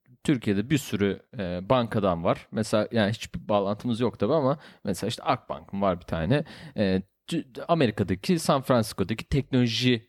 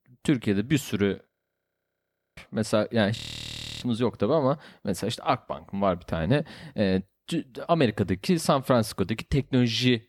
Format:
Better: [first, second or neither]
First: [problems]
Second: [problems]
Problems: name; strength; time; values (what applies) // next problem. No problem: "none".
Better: first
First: none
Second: audio freezing; at 1.5 s for 1 s and at 3 s for 0.5 s